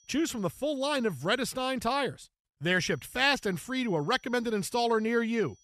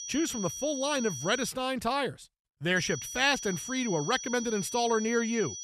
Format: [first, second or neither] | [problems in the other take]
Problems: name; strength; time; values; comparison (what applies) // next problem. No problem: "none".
first | high-pitched whine; loud; until 1.5 s and from 3 s on; 6 kHz, 8 dB below the speech; faint in the first